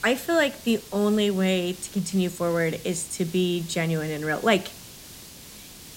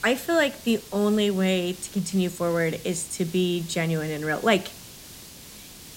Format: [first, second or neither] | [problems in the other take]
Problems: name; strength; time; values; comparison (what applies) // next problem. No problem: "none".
neither | hiss; noticeable; throughout; 15 dB below the speech; the same in both